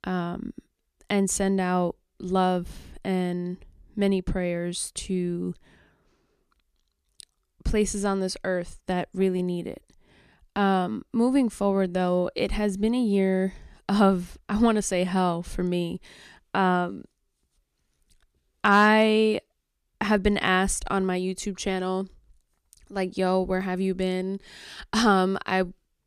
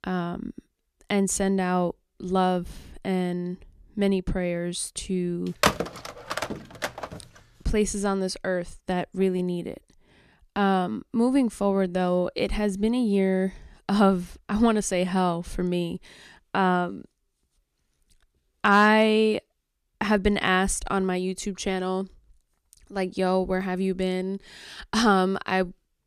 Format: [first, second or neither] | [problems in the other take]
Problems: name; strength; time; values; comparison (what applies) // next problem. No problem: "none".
first | phone ringing; loud; from 5.5 to 7 s; peak 1 dB above the speech